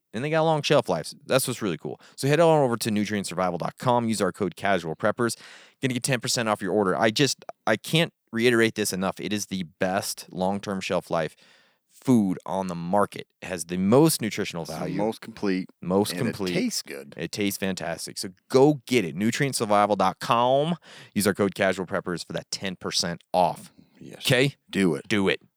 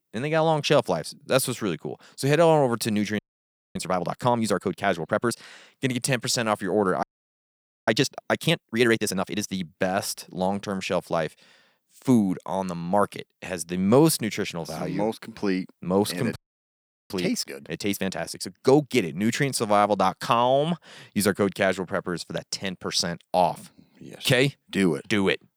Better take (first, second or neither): first